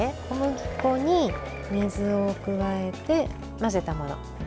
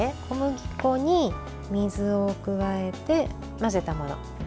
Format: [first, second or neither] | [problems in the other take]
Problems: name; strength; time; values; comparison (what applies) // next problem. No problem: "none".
second | background sound (Applause / Crowd / Cheering); 13 dB below the speech